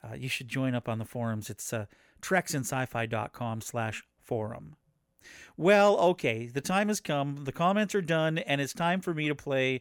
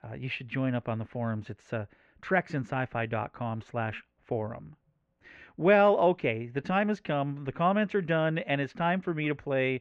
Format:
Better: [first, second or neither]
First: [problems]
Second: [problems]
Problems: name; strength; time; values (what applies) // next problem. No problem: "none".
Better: first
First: none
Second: muffled; very; fading above 2.5 kHz